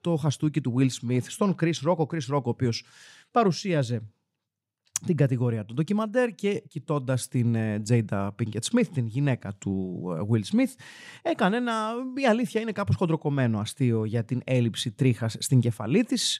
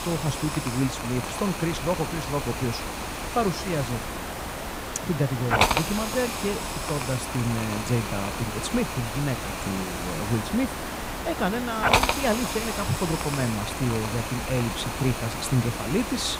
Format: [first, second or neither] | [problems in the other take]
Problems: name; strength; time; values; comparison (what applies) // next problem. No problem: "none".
first | hiss; loud; throughout; 1 dB below the speech